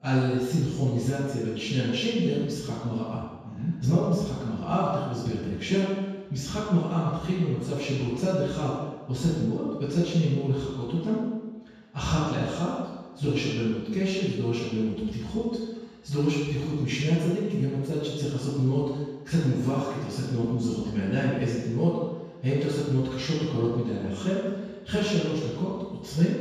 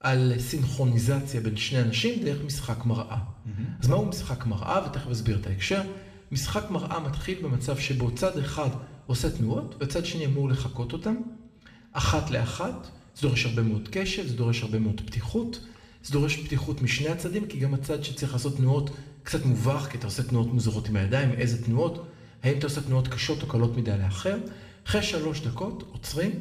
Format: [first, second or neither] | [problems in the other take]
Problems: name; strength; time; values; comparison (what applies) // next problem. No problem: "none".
second | room echo; strong; dies away in 1.2 s; slight in the second // off-mic speech; far